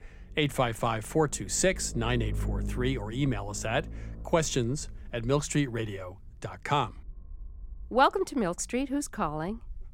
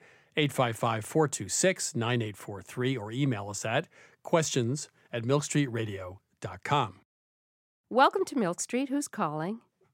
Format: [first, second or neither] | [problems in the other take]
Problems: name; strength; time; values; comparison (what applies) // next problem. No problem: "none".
second | low rumble; faint; throughout; 20 dB below the speech